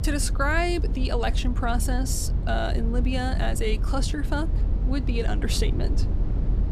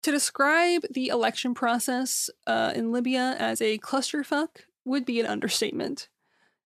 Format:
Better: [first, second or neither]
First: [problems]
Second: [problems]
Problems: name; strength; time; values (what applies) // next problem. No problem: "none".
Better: second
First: low rumble; noticeable; throughout; 15 dB below the speech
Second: none